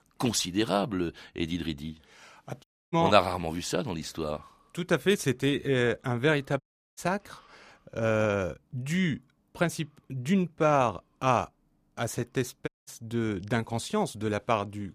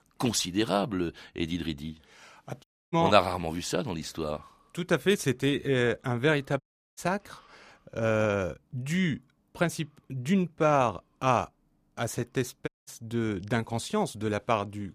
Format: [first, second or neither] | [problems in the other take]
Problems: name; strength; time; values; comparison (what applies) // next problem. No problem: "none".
neither | audio cutting out; at 2.5 s, at 6.5 s and at 13 s; the same in both